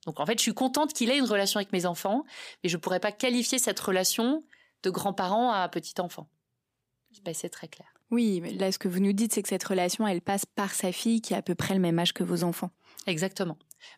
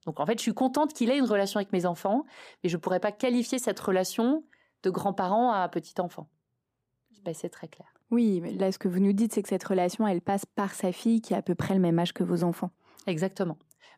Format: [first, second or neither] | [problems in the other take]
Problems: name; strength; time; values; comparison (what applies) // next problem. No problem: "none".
first | muffled; slightly; fading above 2 kHz